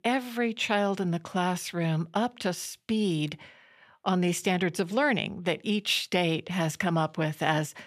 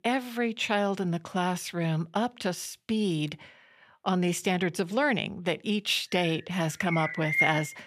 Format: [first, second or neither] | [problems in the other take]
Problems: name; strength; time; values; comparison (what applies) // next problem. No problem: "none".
first | animal sounds; loud; from 6 s on; 1 dB below the speech